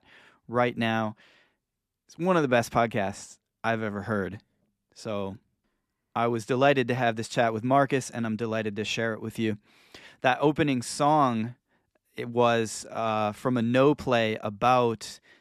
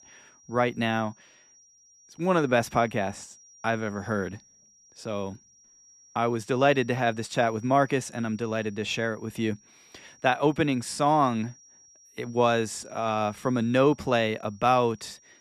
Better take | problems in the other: first | high-pitched whine; faint; throughout; 5.5 kHz, 25 dB below the speech

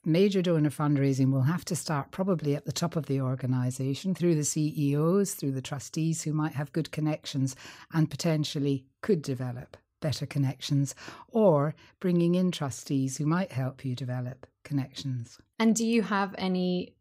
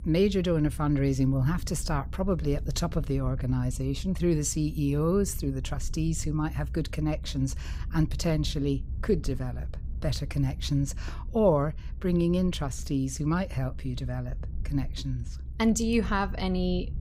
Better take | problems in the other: first | low rumble; faint; throughout; 25 dB below the speech

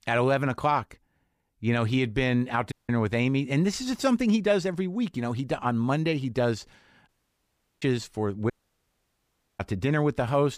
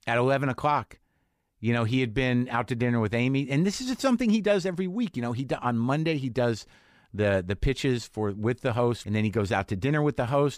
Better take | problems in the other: second | audio cutting out; at 2.5 s, at 7 s for 0.5 s and at 8.5 s for 1 s

